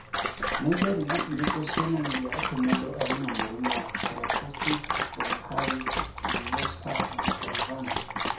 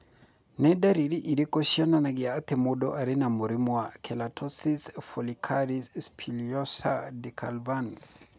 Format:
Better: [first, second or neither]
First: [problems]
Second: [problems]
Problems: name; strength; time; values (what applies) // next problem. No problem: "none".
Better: second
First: background sound (Dog); 2 dB above the speech // room echo; dies away in 0.6 s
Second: none